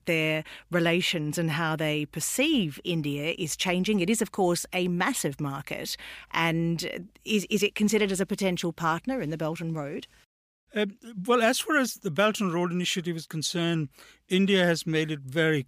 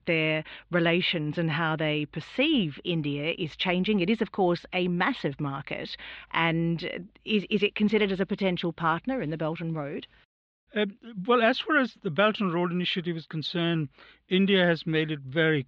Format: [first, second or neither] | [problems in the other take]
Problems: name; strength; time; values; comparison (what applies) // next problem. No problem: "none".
first | muffled; slightly; fading above 4 kHz